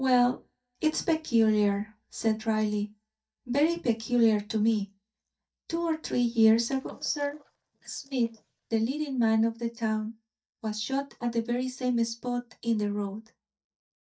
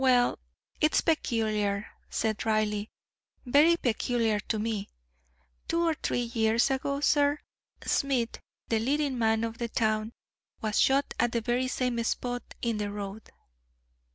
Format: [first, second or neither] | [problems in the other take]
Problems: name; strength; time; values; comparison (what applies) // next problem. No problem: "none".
second | noise reduction (neural mask model DeepFilterNet 3)